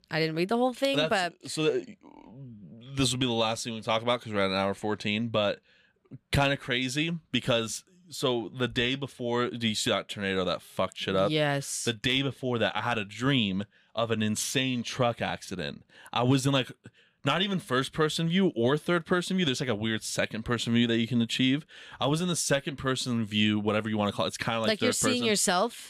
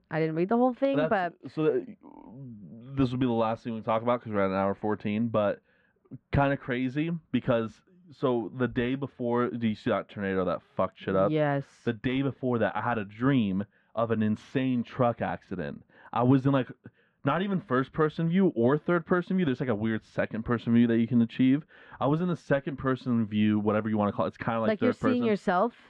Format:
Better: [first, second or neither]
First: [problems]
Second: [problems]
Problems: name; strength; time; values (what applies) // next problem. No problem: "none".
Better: first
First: none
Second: muffled; very; fading above 1.5 kHz